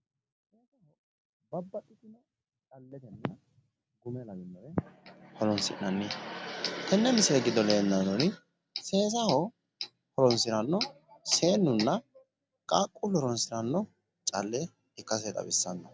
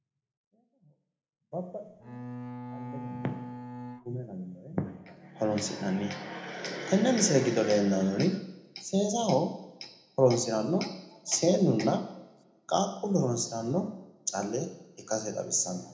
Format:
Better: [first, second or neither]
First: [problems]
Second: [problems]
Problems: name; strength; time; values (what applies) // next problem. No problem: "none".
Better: first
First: none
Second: background sound (Bowed string instrument); 11 dB below the speech // room echo; dies away in 0.7 s